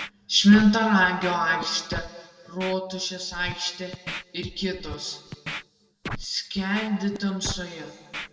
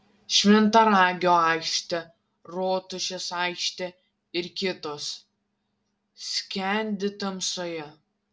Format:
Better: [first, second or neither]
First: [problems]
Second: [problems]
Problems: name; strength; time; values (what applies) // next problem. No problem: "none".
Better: second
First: background sound (Scratching (performance technique)); 13 dB below the speech // room echo; dies away in 1.6 s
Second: none